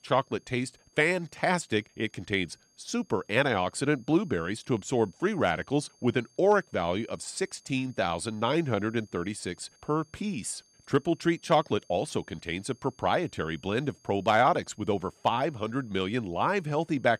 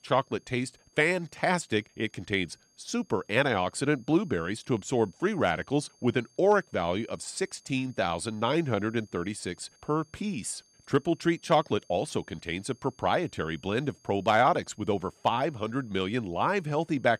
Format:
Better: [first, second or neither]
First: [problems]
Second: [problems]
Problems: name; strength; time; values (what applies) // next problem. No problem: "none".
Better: neither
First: high-pitched whine; faint; throughout; 6.5 kHz, 30 dB below the speech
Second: high-pitched whine; faint; throughout; 6.5 kHz, 30 dB below the speech